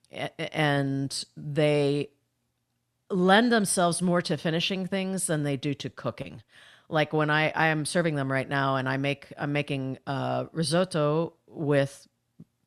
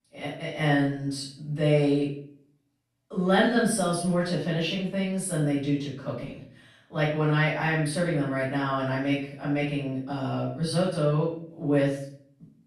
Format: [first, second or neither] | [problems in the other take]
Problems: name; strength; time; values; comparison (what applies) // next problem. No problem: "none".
first | room echo; noticeable; dies away in 0.5 s // off-mic speech; far